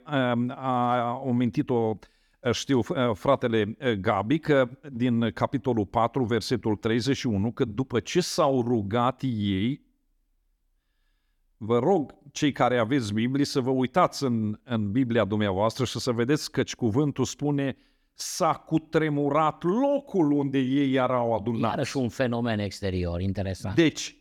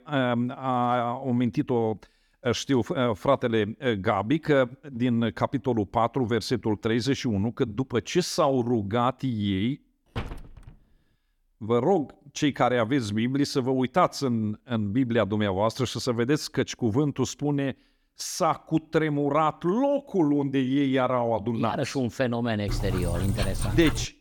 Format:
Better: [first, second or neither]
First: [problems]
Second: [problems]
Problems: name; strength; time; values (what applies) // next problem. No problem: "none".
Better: first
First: none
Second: door banging; faint; at 10 s; peak 10 dB below the speech // dog barking; noticeable; from 23 s on; peak 5 dB below the speech